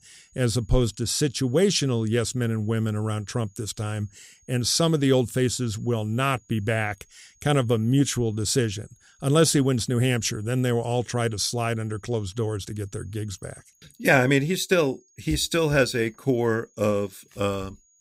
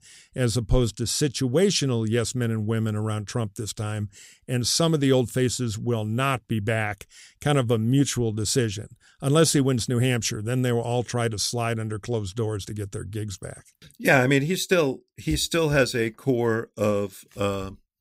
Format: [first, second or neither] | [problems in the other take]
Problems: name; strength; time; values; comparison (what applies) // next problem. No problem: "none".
second | high-pitched whine; faint; throughout; 6.5 kHz, 35 dB below the speech